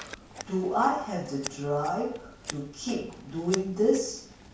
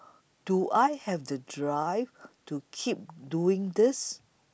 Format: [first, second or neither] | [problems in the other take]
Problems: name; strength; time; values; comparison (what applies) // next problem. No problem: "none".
second | background sound (Scissors); 14 dB below the speech // room echo; dies away in 0.5 s